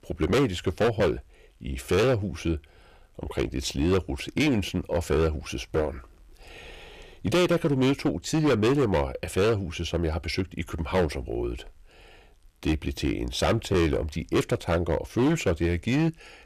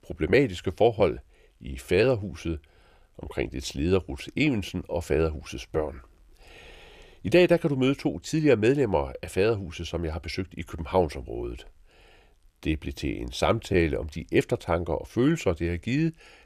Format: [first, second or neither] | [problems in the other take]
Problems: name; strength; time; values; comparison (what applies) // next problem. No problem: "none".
second | distortion; heavy; 10% of the sound clipped